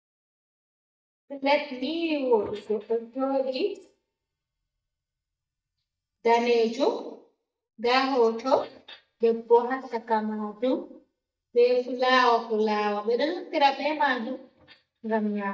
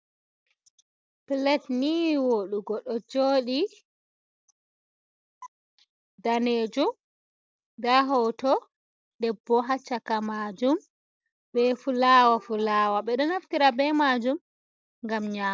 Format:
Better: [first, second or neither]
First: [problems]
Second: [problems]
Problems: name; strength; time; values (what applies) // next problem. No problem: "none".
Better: second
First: noise reduction (neural mask model DeepFilterNet 3)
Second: none